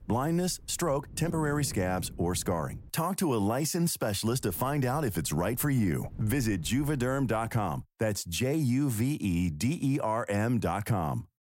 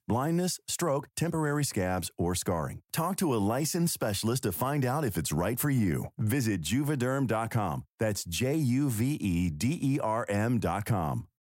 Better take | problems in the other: second | wind noise on the microphone; occasional gusts; until 3 s and from 4 to 8 s; 25 dB below the speech

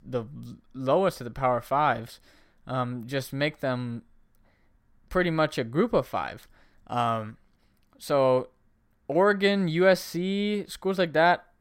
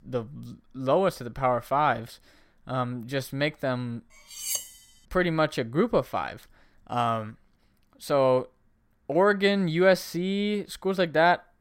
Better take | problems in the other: first | clattering dishes; noticeable; at 4.5 s; peak 4 dB below the speech

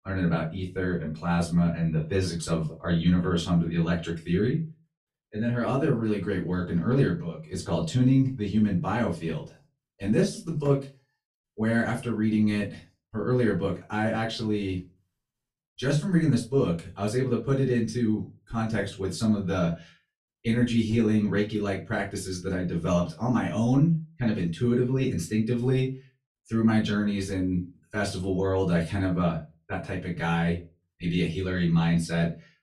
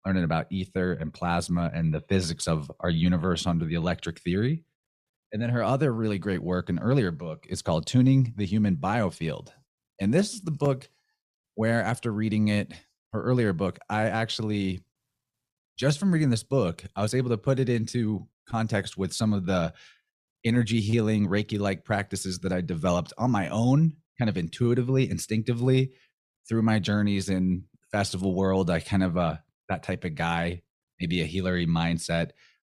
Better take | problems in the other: second | off-mic speech; far // room echo; very slight; dies away in 0.2 s

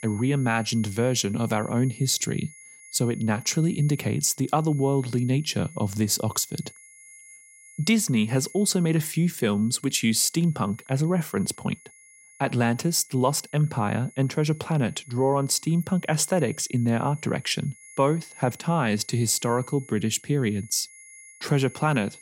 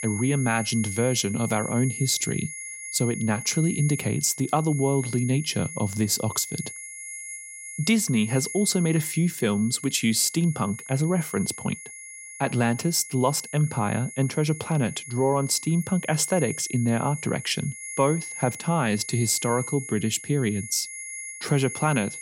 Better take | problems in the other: first | high-pitched whine; loud; throughout; 2 kHz, 10 dB below the speech; faint in the first

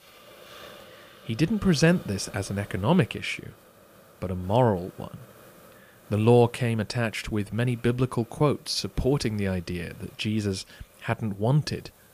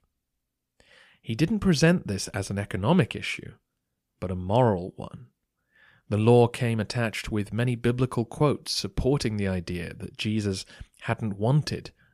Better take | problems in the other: second | hiss; faint; throughout; 25 dB below the speech

